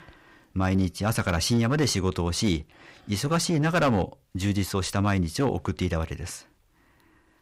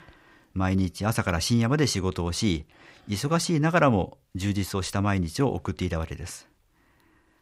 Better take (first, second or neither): second